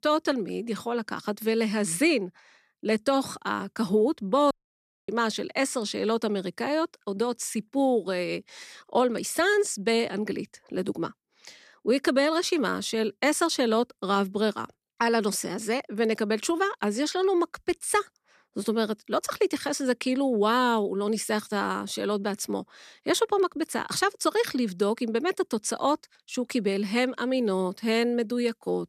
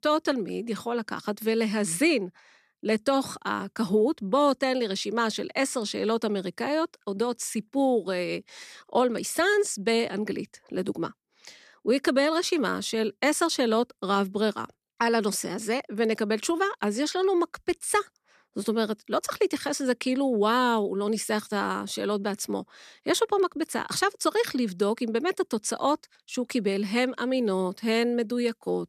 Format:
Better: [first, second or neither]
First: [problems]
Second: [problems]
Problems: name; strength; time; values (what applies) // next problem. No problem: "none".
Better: second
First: audio cutting out; at 4.5 s for 0.5 s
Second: none